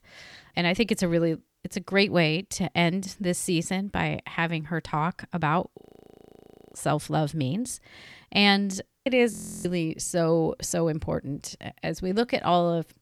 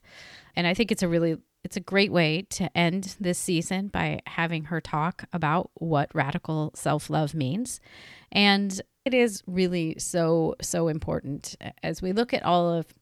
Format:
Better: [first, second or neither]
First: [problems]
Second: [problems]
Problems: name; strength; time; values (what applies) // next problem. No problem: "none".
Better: second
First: audio freezing; at 6 s for 1 s and at 9.5 s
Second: none